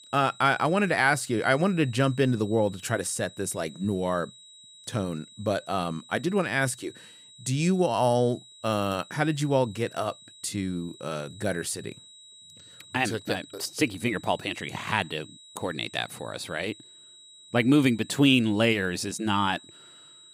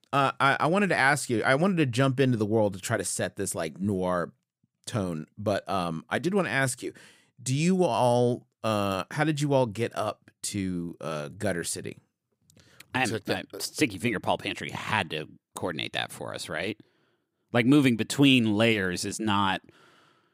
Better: second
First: high-pitched whine; faint; throughout; 4 kHz, 20 dB below the speech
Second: none

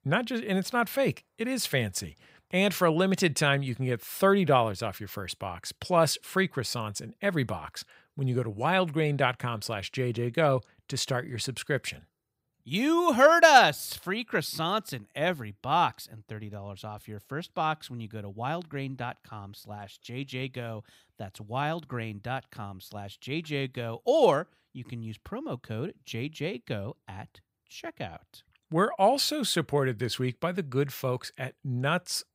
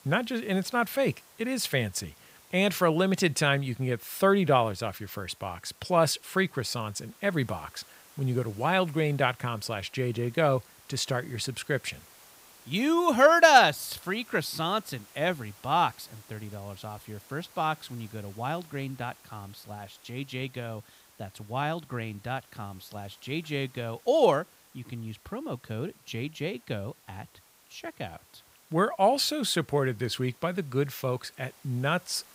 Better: first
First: none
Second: hiss; faint; throughout; 25 dB below the speech

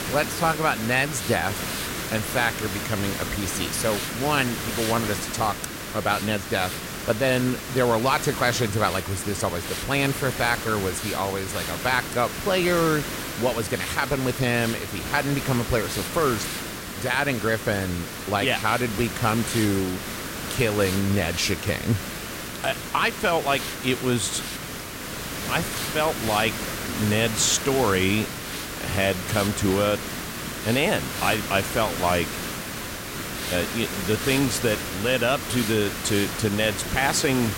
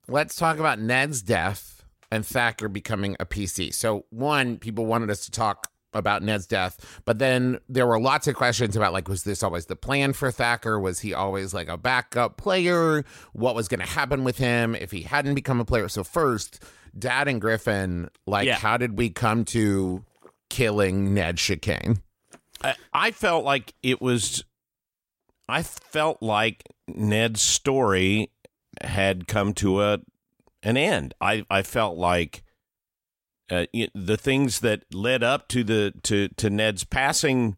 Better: second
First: hiss; loud; throughout; 5 dB below the speech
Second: none

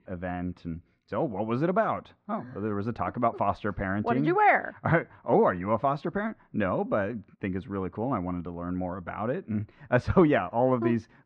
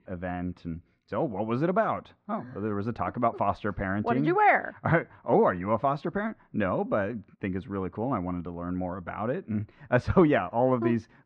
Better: neither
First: muffled; very; fading above 1.5 kHz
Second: muffled; very; fading above 1.5 kHz

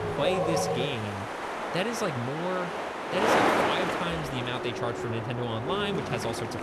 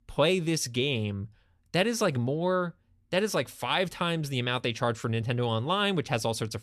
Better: second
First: wind noise on the microphone; heavy; 4 dB above the speech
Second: none

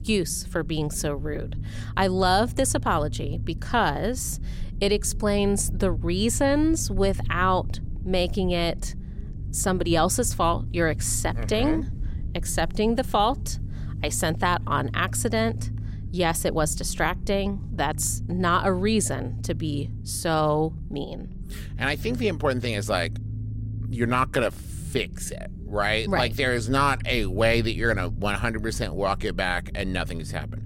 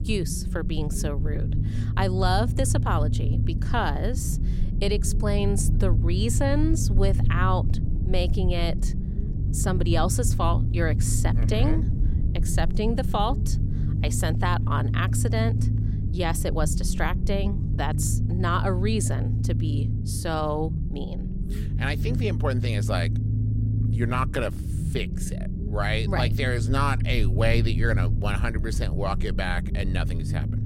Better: first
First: low rumble; faint; throughout; 20 dB below the speech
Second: low rumble; loud; throughout; 10 dB below the speech

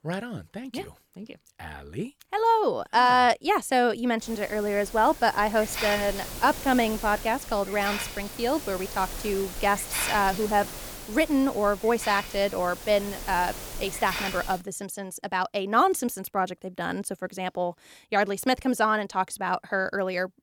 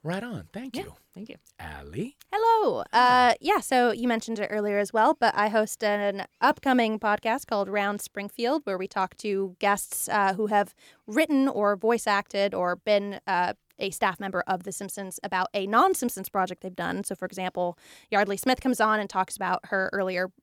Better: second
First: hiss; loud; from 4 to 15 s; 9 dB below the speech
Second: none

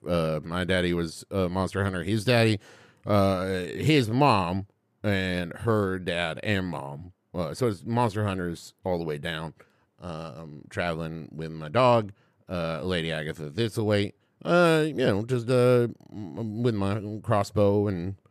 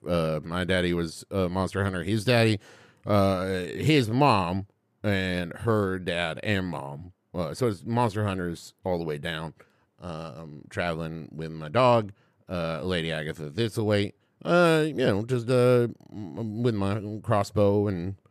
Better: neither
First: none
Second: none

